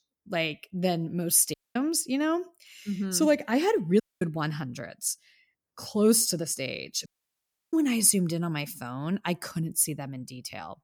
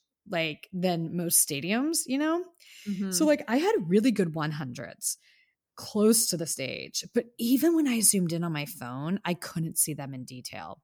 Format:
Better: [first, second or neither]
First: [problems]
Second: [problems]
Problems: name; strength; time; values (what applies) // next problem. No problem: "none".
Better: second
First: audio cutting out; at 1.5 s, at 4 s and at 7 s for 0.5 s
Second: none